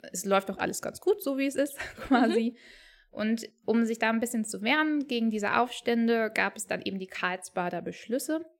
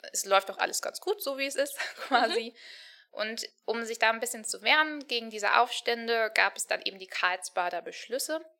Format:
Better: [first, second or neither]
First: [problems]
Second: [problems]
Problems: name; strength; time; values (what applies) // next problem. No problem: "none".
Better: first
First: none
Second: thin; very; fading below 700 Hz